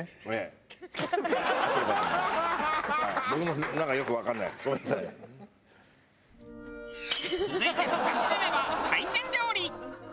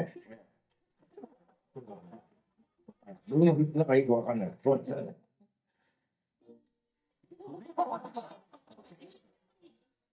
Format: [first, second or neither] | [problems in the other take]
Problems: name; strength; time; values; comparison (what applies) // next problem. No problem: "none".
first | noise reduction (neural mask model DeepFilterNet 3)